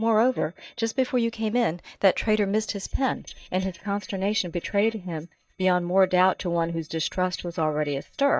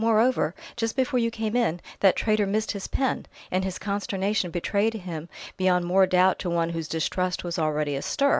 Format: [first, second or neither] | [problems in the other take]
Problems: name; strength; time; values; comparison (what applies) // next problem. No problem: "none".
second | noise reduction (neural mask model DeepFilterNet 3)